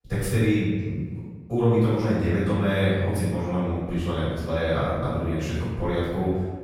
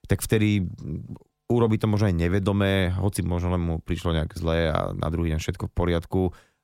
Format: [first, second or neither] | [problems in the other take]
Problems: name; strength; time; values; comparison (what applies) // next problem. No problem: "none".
second | off-mic speech; far // room echo; strong; dies away in 1.2 s